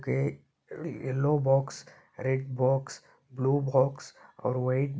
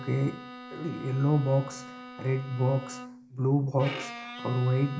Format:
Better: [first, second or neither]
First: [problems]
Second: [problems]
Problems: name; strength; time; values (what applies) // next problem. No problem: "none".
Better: first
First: none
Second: background sound (Bowed string instrument); 13 dB below the speech // room echo; dies away in 0.4 s